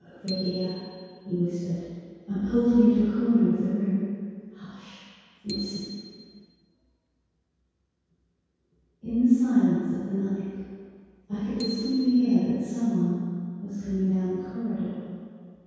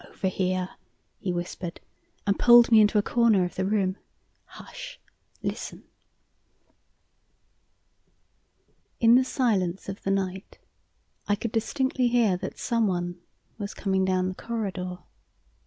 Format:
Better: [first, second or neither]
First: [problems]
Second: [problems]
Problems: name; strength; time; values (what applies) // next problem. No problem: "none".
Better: second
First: background sound (Bicycle bell); 18 dB below the speech // room echo; dies away in 2 s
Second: none